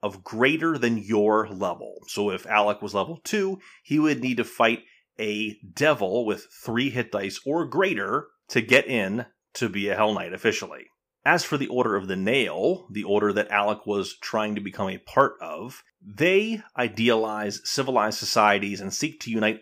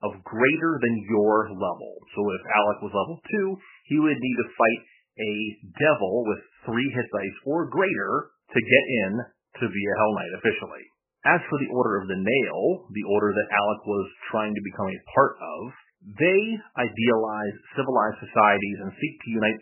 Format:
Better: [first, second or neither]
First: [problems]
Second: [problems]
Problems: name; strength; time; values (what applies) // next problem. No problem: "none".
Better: first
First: none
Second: garbled, watery; badly; nothing above 3 kHz